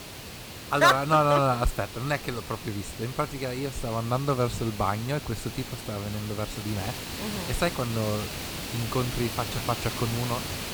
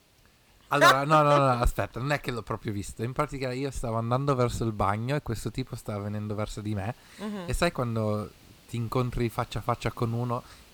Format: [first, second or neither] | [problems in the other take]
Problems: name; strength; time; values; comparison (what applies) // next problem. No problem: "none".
second | hiss; loud; throughout; 8 dB below the speech; faint in the second